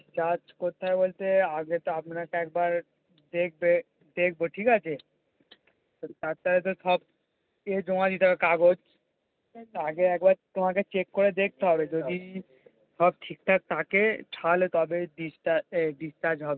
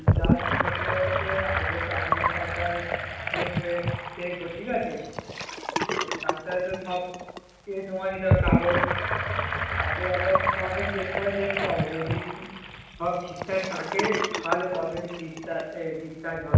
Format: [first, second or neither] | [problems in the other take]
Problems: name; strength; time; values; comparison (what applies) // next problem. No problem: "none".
first | background sound (Sink (filling or washing) / Gurgling); 3 dB above the speech // room echo; dies away in 1 s